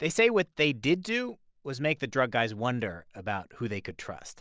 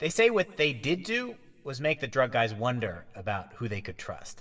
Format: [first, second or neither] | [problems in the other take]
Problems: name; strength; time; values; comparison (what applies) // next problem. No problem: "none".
first | room echo; dies away in 0.8 s